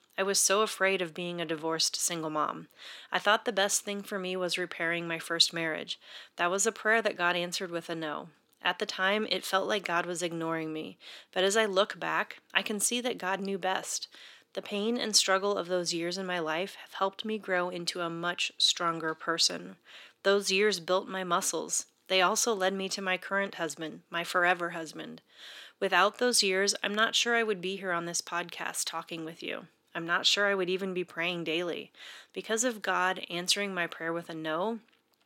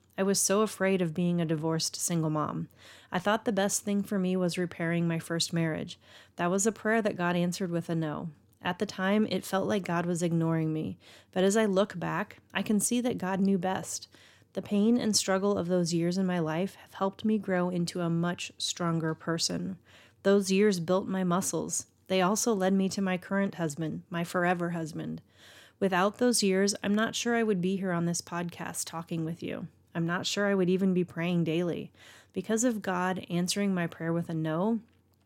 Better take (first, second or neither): second